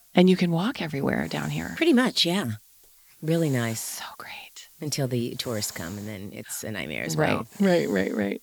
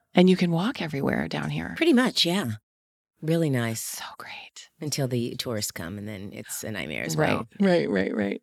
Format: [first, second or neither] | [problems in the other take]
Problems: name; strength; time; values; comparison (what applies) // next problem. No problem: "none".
second | hiss; faint; throughout; 20 dB below the speech